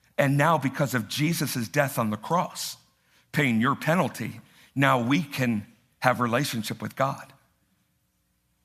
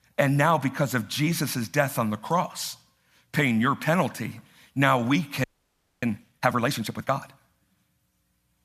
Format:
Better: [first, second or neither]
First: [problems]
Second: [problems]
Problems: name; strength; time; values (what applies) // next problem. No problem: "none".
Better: first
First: none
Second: audio freezing; at 5.5 s for 0.5 s